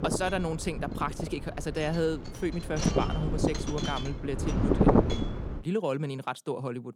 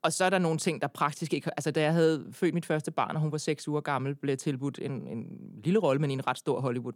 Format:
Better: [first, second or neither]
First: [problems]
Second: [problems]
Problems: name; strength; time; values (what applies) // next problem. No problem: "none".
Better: second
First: wind noise on the microphone; heavy; until 5.5 s; 1 dB above the speech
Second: none